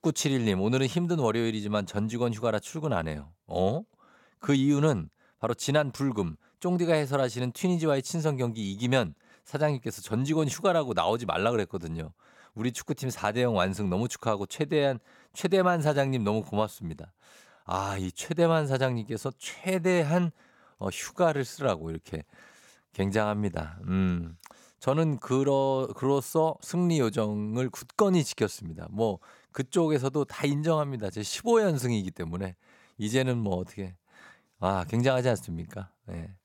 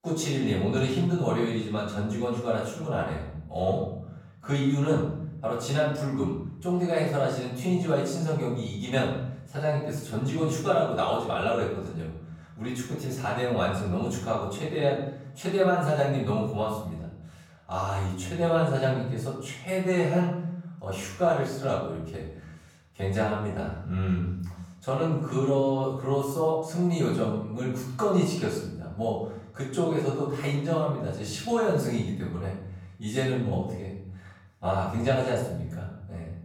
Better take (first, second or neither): first